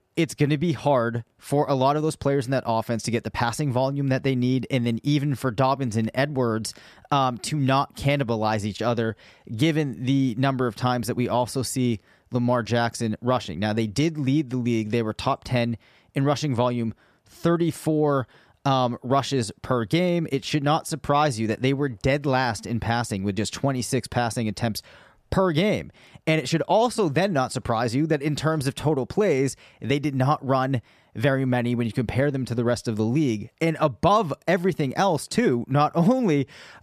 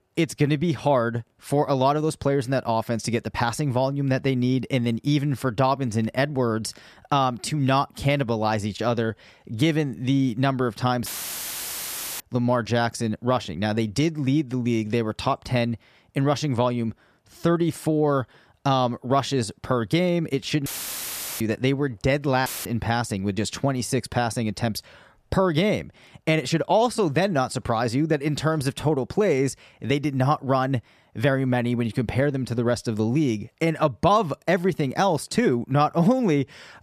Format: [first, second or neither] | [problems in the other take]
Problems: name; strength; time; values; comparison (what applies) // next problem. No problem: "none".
first | audio cutting out; filled with static; at 11 s for 1 s, at 21 s for 0.5 s and at 22 s